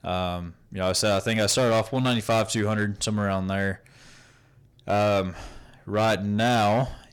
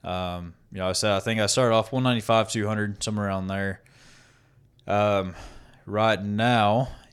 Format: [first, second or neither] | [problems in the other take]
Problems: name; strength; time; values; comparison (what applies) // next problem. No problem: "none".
second | distortion; slight; 9% of the sound clipped